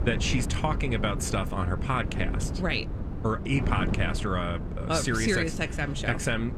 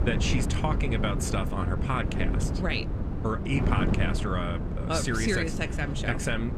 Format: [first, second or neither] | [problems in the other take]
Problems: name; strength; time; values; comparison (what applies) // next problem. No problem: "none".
first | wind noise on the microphone; heavy; 7 dB below the speech; occasional gusts in the first